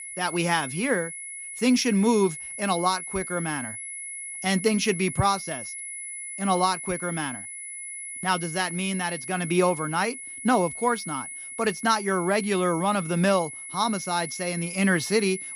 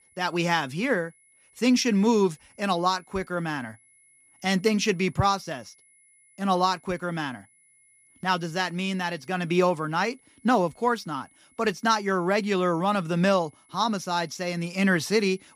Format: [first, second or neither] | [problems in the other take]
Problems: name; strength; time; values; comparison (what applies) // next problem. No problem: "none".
second | high-pitched whine; loud; throughout; 2 kHz, 9 dB below the speech; faint in the second